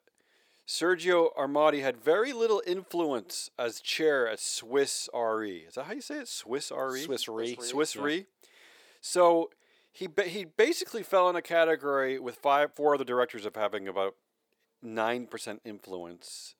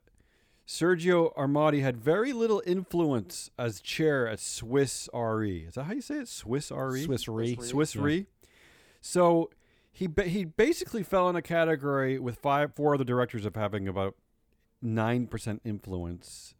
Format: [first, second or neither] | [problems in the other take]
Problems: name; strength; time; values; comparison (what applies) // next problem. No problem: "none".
second | thin; somewhat; fading below 500 Hz